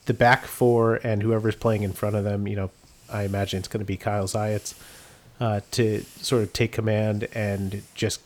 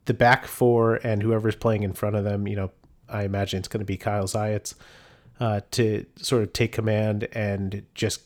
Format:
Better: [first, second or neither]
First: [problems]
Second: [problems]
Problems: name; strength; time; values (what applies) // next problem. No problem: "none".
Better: second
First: hiss; faint; throughout; 25 dB below the speech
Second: none